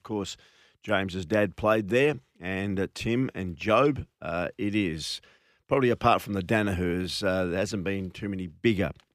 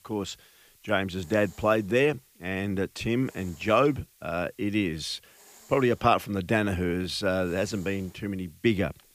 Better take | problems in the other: first | hiss; faint; throughout; 25 dB below the speech

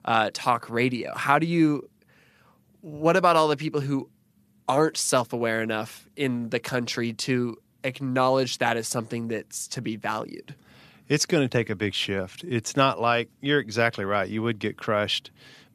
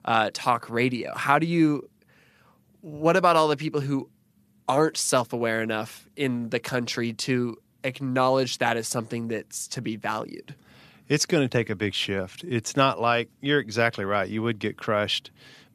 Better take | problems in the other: neither | none

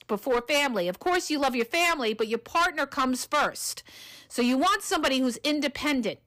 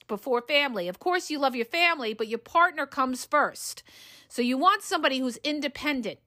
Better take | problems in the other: second | distortion; heavy; 10% of the sound clipped

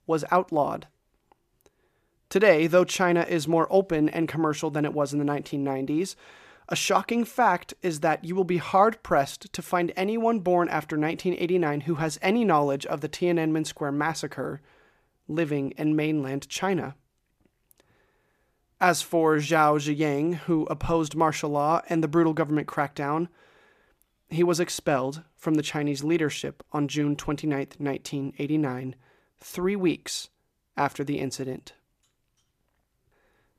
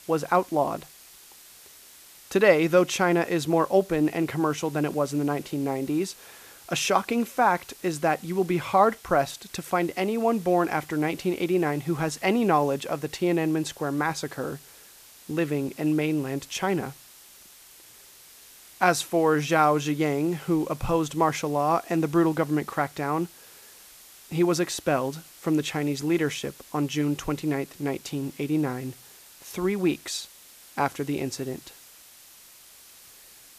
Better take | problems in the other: first | hiss; faint; throughout; 20 dB below the speech

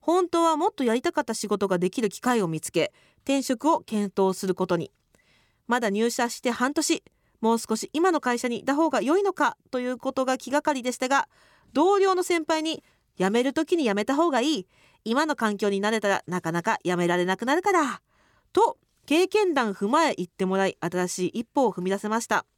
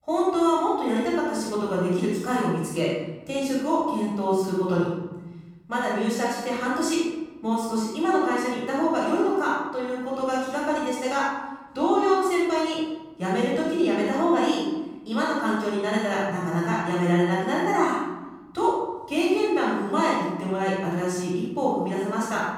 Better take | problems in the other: first | room echo; strong; dies away in 1.5 s // off-mic speech; far

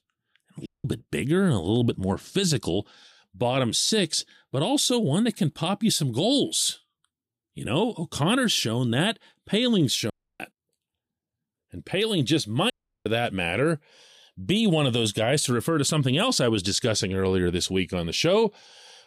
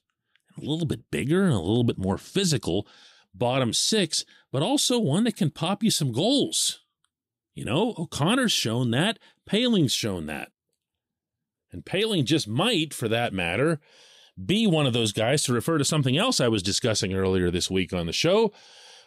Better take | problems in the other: second | audio cutting out; at 0.5 s, at 10 s and at 13 s

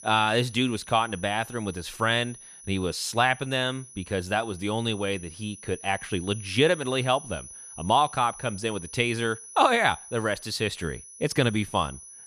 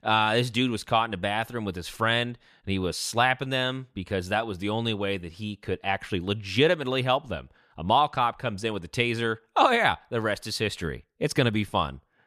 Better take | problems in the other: second | high-pitched whine; noticeable; throughout; 10.5 kHz, 15 dB below the speech

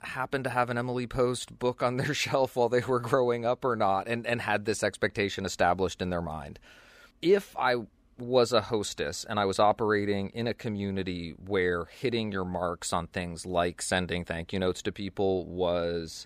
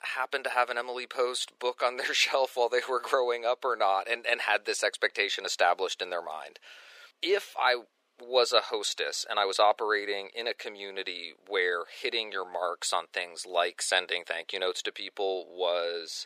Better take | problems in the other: first | thin; very; fading below 450 Hz

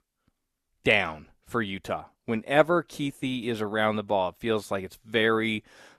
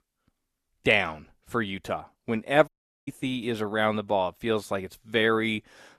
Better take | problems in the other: first | audio cutting out; at 2.5 s

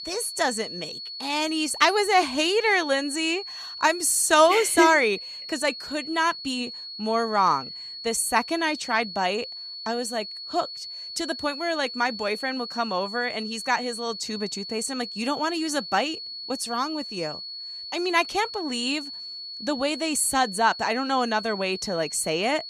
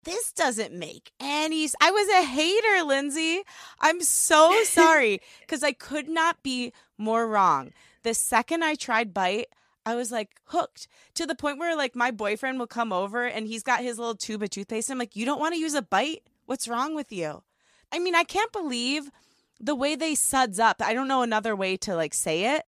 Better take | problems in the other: second | high-pitched whine; loud; throughout; 4.5 kHz, 10 dB below the speech

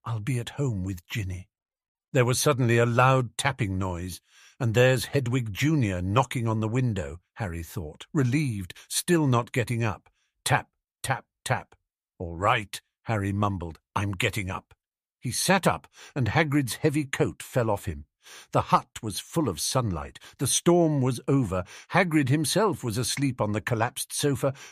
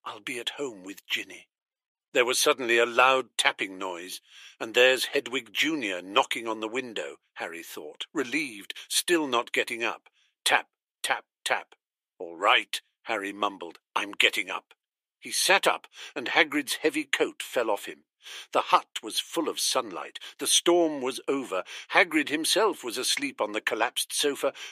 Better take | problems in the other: first | thin; somewhat; fading below 350 Hz

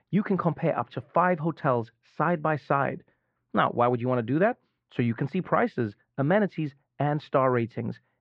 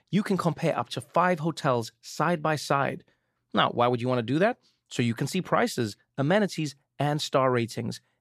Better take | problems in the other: second | muffled; very; fading above 2 kHz

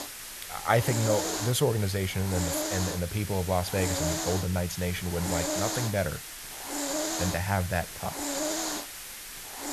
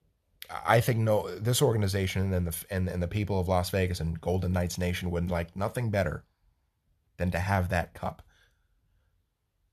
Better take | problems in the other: second | hiss; loud; throughout; 3 dB below the speech

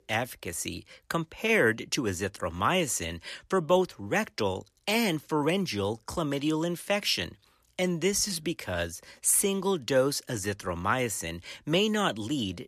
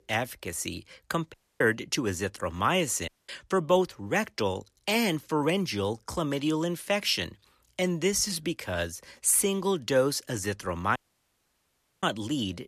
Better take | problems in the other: first | audio cutting out; at 1.5 s, at 3 s and at 11 s for 1 s

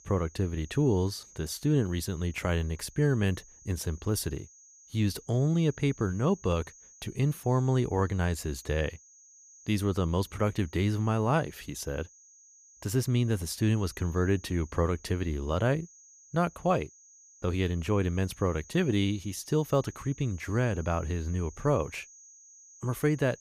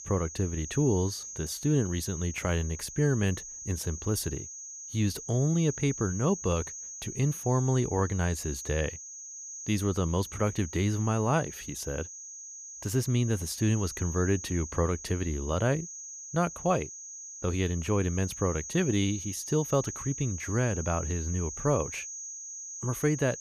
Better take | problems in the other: first | high-pitched whine; loud; throughout; 6.5 kHz, 9 dB below the speech; faint in the first

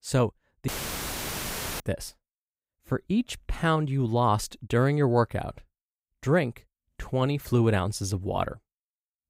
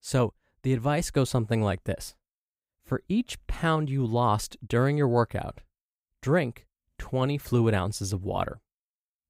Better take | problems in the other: second | audio cutting out; filled with static; at 0.5 s for 1 s

